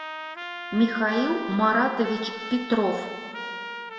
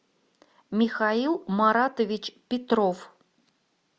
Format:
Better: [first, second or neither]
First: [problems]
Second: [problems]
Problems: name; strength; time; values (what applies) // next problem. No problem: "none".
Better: second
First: background sound (Trumpet); 10 dB below the speech // room echo; dies away in 2 s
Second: none